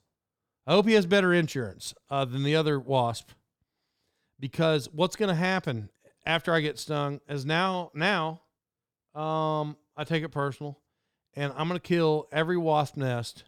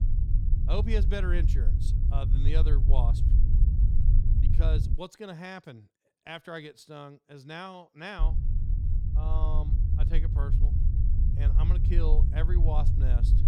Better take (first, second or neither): first